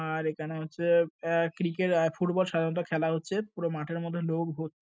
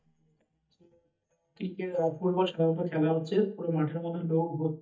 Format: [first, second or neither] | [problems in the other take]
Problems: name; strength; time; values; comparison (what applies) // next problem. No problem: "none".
first | noise reduction (neural mask model DeepFilterNet 3)